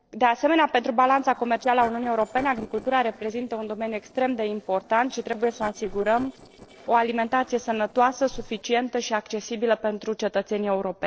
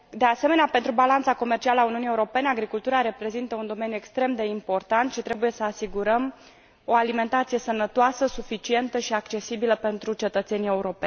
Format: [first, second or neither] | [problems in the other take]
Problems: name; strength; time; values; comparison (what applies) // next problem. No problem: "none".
second | noise reduction (neural separator model SepFormer DNS4)